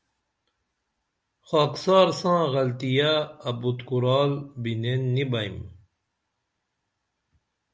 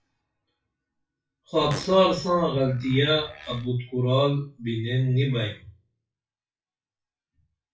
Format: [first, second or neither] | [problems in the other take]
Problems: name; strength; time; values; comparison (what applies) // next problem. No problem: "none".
first | noise reduction (classical method WPE with log-MMSE)